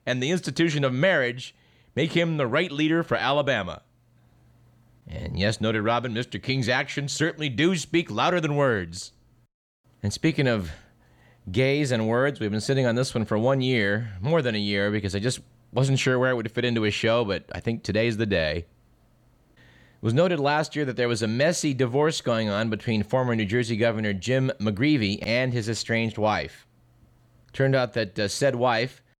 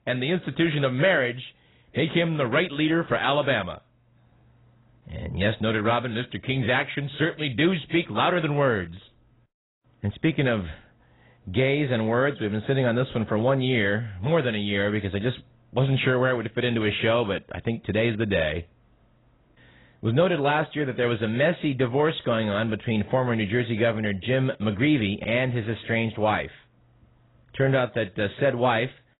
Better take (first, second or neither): first